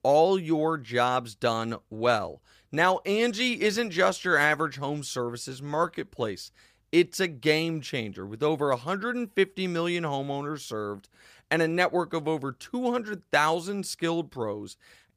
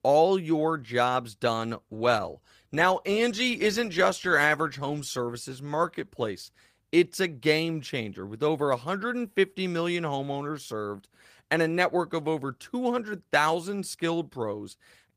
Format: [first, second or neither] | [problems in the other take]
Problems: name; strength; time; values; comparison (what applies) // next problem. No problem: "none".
first | garbled, watery; slightly; nothing above 15 kHz